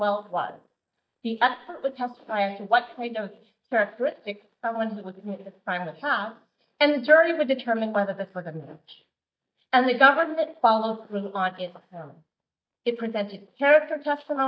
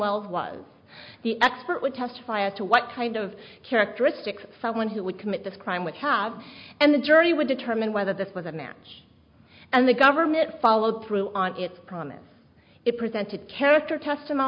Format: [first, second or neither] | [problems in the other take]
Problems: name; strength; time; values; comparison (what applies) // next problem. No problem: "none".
second | noise reduction (neural mask model DeepFilterNet 3)